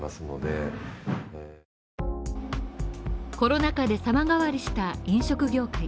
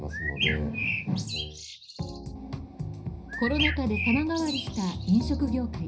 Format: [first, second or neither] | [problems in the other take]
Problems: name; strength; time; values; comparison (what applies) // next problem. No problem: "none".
first | background sound (Bird); 4 dB below the speech // room echo; dies away in 0.4 s